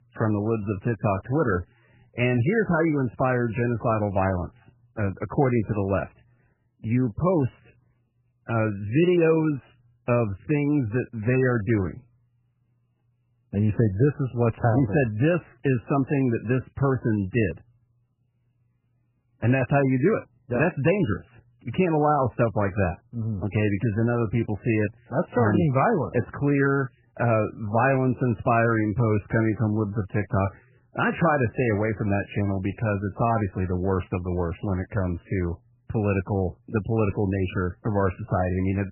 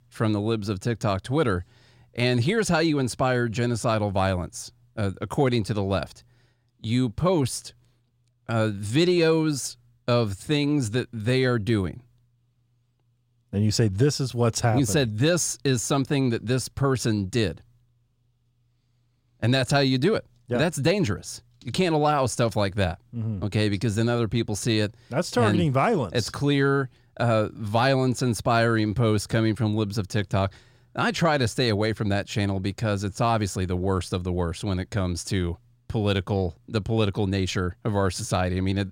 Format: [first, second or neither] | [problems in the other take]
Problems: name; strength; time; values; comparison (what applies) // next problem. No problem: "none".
second | garbled, watery; badly; nothing above 3 kHz